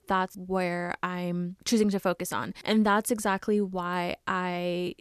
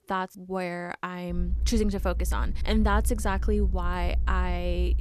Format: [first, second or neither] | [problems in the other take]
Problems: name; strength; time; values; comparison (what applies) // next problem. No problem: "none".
first | low rumble; noticeable; from 1.5 s on; 20 dB below the speech